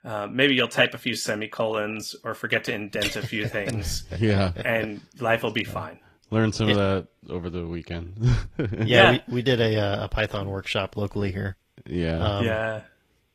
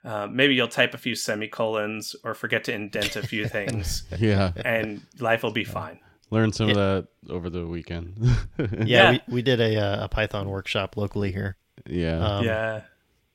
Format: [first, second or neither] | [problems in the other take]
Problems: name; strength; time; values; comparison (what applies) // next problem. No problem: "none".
second | garbled, watery; slightly; nothing above 14.5 kHz